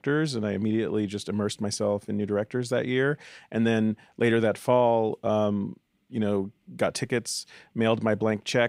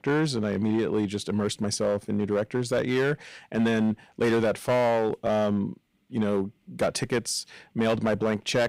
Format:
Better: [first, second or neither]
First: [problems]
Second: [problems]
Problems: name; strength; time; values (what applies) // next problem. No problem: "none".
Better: first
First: none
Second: distortion; slight; 7% of the sound clipped